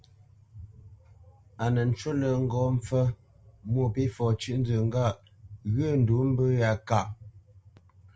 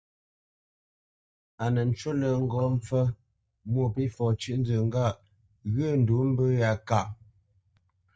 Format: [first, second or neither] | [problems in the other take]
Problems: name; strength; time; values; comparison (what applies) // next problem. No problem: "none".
first | noise reduction (neural mask model DeepFilterNet 3)